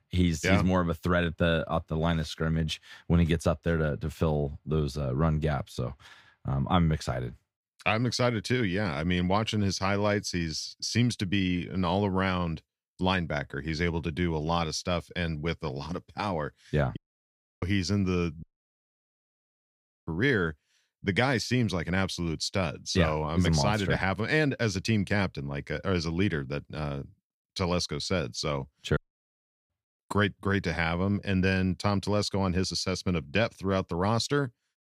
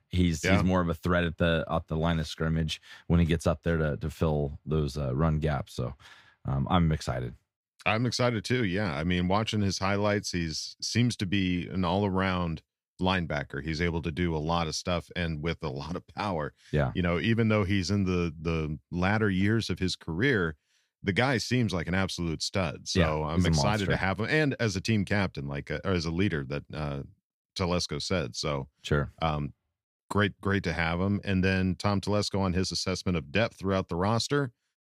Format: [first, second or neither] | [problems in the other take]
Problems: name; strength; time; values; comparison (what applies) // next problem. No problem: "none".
second | audio cutting out; at 17 s for 0.5 s, at 18 s for 1.5 s and at 29 s for 0.5 s